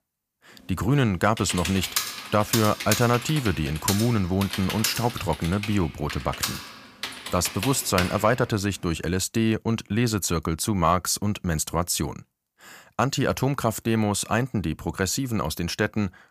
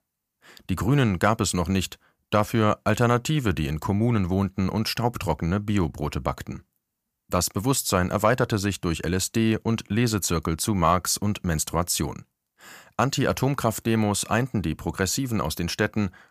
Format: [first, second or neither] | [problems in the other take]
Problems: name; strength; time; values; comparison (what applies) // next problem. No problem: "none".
second | keyboard typing; noticeable; from 1.5 to 8 s; peak 2 dB below the speech